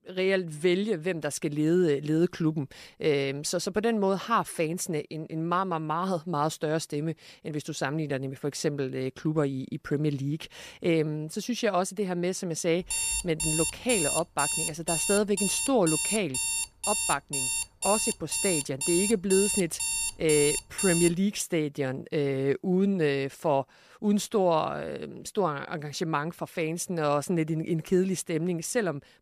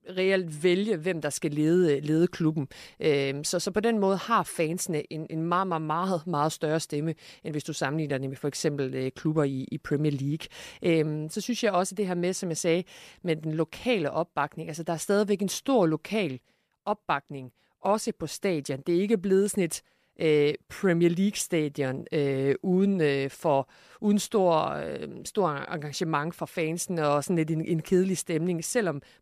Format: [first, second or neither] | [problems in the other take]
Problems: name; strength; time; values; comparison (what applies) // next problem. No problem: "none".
second | alarm; loud; from 13 to 21 s; peak 2 dB above the speech